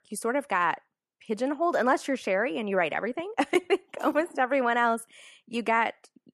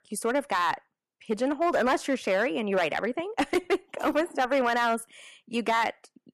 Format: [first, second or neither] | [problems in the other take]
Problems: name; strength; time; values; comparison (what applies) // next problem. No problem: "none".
first | distortion; slight; 5% of the sound clipped